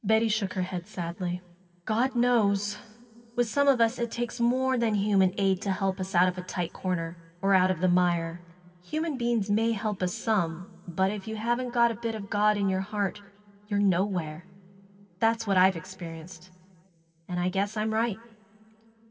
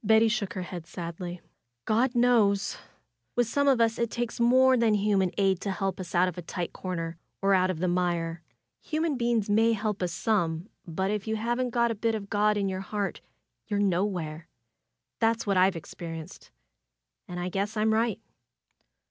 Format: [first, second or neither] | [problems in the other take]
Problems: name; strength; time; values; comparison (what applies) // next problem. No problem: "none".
second | room echo; dies away in 2.8 s